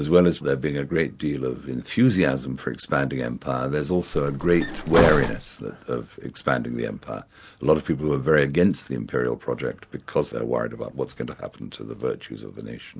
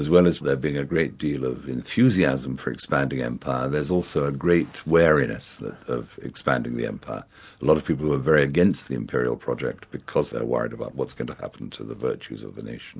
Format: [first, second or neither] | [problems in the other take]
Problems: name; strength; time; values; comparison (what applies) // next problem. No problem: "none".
second | background sound (Bus); 2 dB below the speech